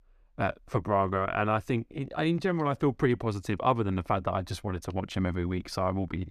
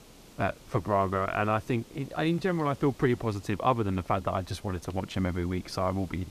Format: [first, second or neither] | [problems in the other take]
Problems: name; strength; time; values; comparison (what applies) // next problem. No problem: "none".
first | hiss; faint; throughout; 25 dB below the speech